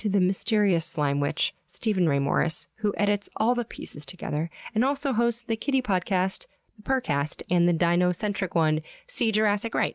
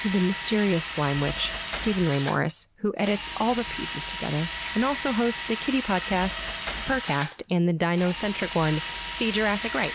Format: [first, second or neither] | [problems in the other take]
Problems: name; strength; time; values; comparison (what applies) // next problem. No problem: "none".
first | background sound (Drill); 8 dB below the speech